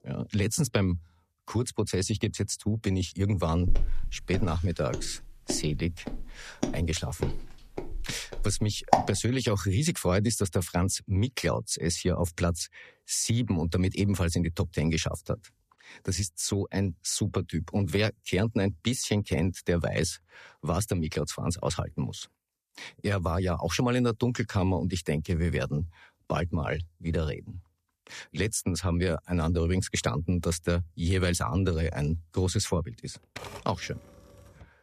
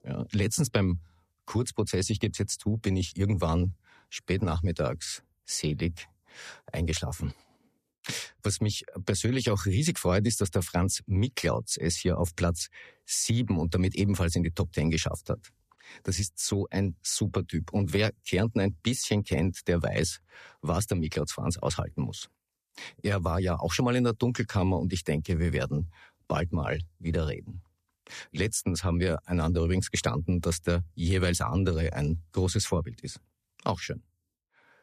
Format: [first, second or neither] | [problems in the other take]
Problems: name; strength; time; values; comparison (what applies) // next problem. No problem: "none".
second | footsteps; loud; from 3.5 to 9 s; peak 4 dB above the speech // keyboard typing; faint; from 33 s on; peak 10 dB below the speech